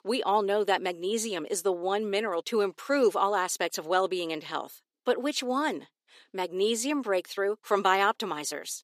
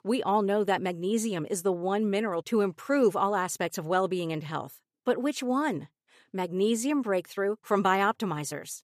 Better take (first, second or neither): second